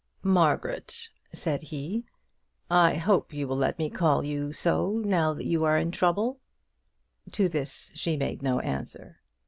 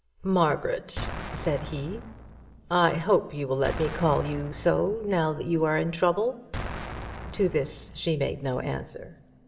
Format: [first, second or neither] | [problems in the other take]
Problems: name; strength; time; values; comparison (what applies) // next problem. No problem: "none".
first | background sound (Explosion); 11 dB below the speech // room echo; dies away in 1.7 s